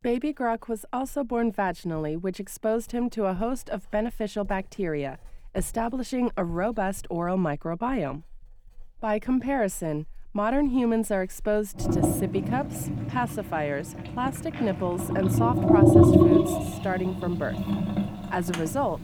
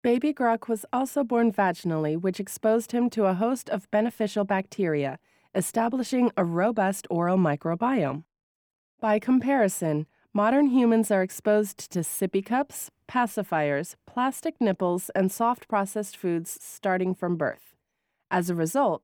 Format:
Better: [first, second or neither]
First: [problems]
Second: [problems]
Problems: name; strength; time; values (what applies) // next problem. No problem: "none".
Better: second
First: household noises; very loud; throughout; 4 dB above the speech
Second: none